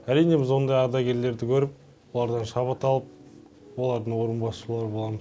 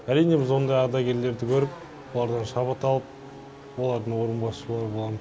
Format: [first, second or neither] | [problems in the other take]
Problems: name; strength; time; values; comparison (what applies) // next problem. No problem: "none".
first | background sound (Race car, auto racing / Accelerating, revving, vroom); 17 dB below the speech